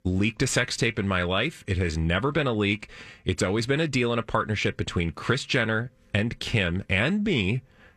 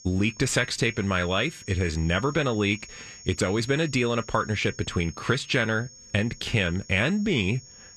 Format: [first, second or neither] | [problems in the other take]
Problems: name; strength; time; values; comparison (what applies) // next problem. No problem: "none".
first | high-pitched whine; noticeable; throughout; 6.5 kHz, 20 dB below the speech